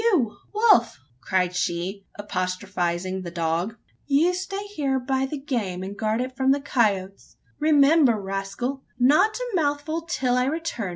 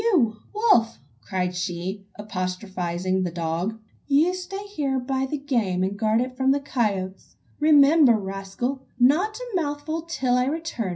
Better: first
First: none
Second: room echo; dies away in 0.4 s

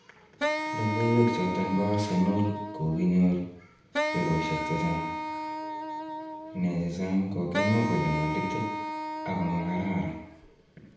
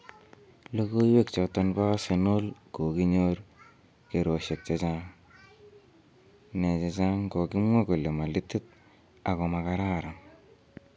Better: second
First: background sound (Wind instrument, woodwind instrument); 5 dB below the speech // room echo; dies away in 0.7 s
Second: none

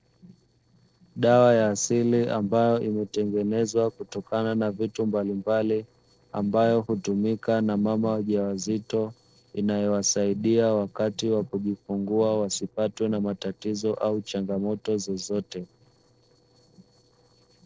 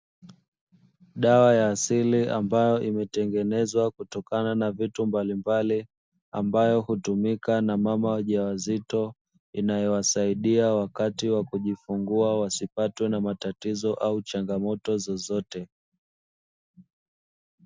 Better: second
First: noise reduction (neural separator model SepFormer DNS4)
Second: none

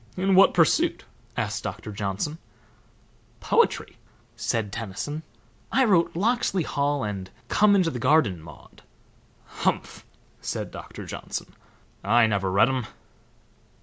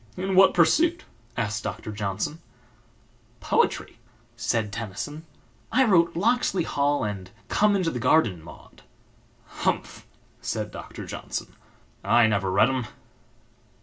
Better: first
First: none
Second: room echo; dies away in 0.2 s

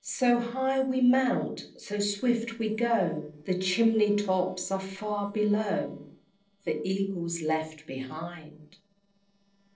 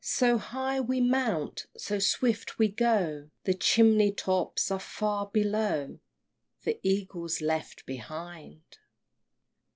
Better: second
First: noise reduction (neural separator model SepFormer DNS4)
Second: none

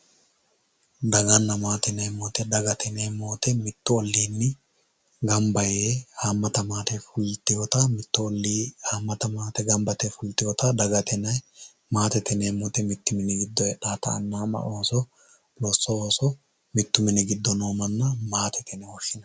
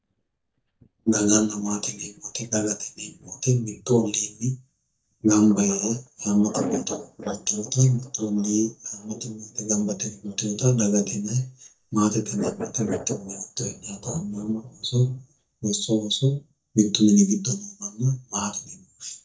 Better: first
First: none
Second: noise reduction (neural mask model DeepFilterNet 3)

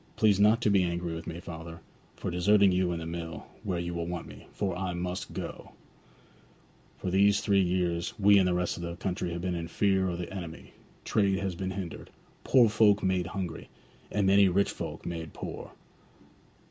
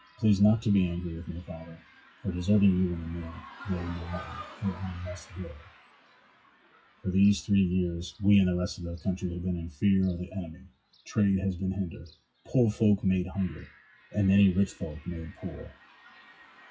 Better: first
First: none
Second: noise reduction (classical method WPE with log-MMSE)

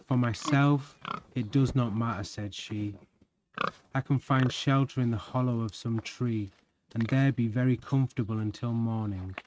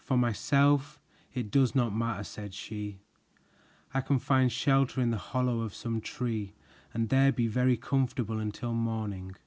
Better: second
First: noise reduction (neural mask model RNNoise)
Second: none

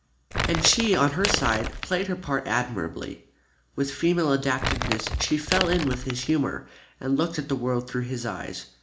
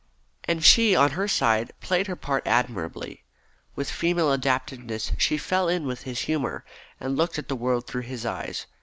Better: second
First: background sound (Crumpling, crinkling); 3 dB below the speech // room echo; dies away in 0.4 s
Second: none

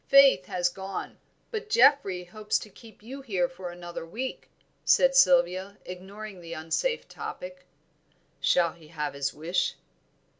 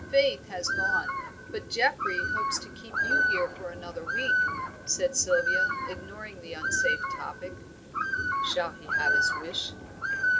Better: first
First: none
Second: background sound (Bird); 3 dB above the speech

